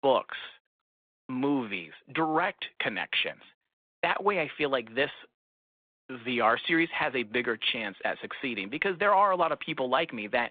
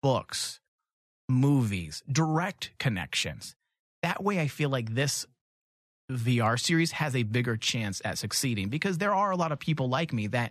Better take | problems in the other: second | phone-call audio; nothing above 3.5 kHz

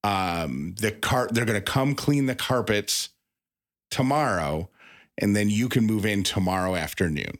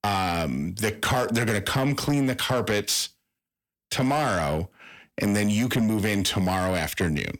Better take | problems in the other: first | distortion; slight; 10 dB below the speech

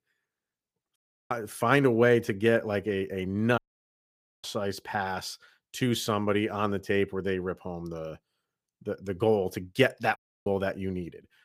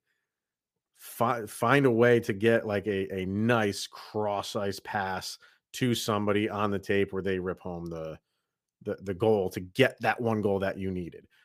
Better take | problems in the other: second | audio cutting out; at 1 s, at 3.5 s for 1 s and at 10 s

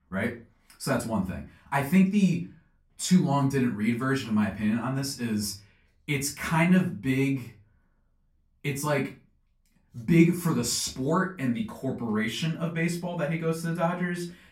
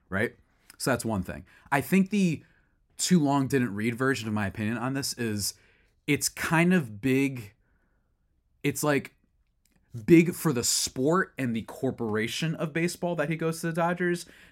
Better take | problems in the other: second | off-mic speech; far // room echo; very slight; dies away in 0.3 s

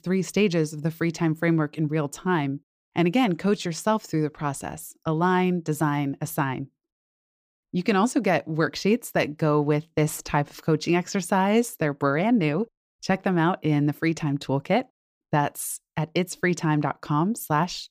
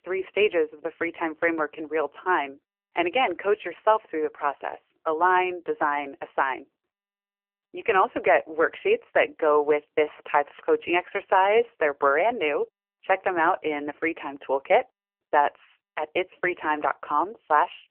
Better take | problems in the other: first | phone-call audio; poor line; nothing above 3 kHz

